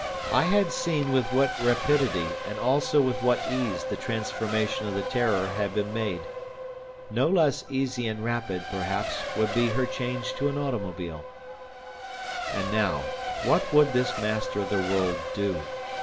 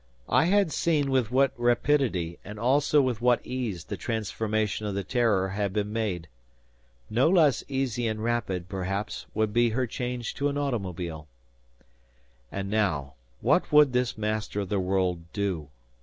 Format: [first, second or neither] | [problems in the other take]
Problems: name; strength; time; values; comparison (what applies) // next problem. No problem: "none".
second | background sound (Race car, auto racing); 6 dB below the speech // room echo; dies away in 0.4 s